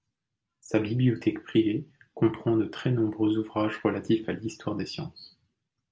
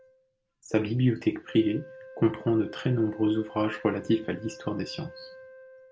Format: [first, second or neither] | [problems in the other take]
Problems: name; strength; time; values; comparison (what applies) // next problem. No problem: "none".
first | background sound (Wind instrument, woodwind instrument); 19 dB below the speech